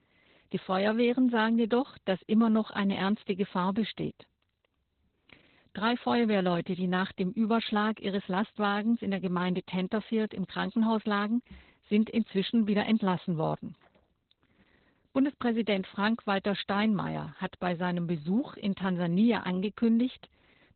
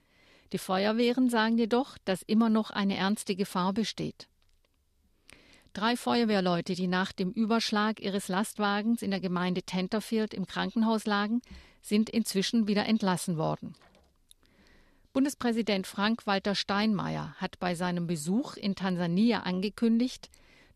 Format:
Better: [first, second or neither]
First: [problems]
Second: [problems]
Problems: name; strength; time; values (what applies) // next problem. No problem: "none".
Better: second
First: garbled, watery; badly; nothing above 4 kHz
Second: none